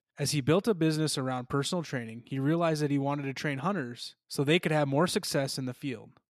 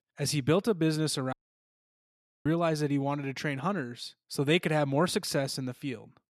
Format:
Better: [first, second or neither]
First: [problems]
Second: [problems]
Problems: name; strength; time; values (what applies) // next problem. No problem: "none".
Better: first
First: none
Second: audio cutting out; at 1.5 s for 1 s